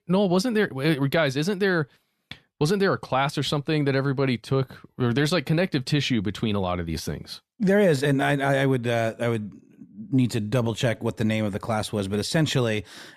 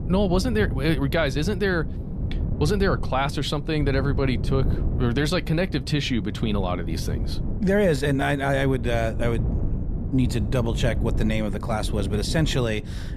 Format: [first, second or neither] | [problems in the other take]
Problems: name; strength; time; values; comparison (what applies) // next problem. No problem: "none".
first | wind noise on the microphone; occasional gusts; 15 dB below the speech